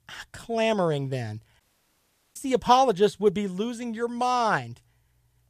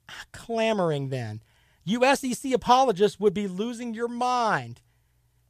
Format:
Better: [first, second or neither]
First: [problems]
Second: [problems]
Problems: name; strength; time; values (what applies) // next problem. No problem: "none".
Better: second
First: audio cutting out; at 1.5 s for 1 s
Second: none